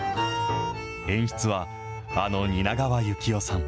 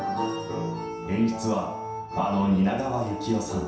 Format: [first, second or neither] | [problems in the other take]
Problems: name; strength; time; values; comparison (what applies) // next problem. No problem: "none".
first | room echo; dies away in 0.7 s